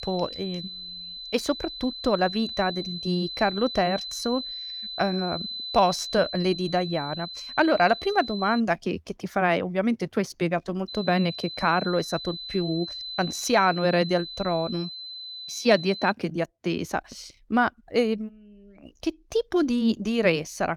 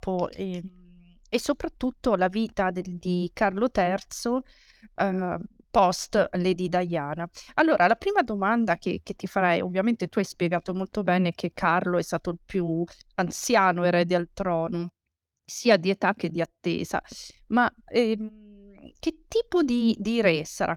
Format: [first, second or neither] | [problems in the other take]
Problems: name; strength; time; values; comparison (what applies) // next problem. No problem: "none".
second | high-pitched whine; loud; until 8.5 s and from 11 to 16 s; 4 kHz, 8 dB below the speech